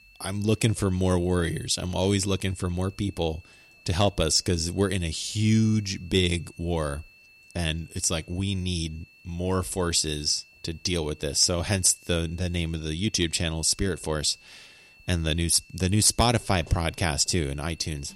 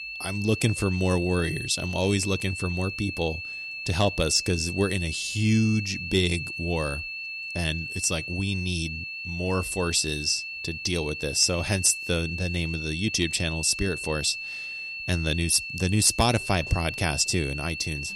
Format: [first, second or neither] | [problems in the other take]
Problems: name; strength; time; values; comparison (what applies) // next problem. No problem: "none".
first | high-pitched whine; loud; throughout; 2.5 kHz, 7 dB below the speech; faint in the first